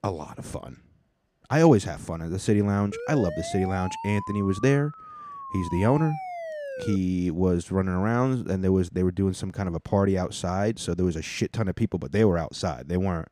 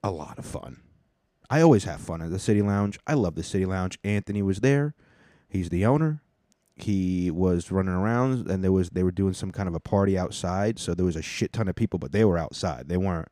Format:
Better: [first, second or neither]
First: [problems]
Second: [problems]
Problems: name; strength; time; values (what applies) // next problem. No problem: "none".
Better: second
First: siren; noticeable; from 3 to 7 s; peak 9 dB below the speech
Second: none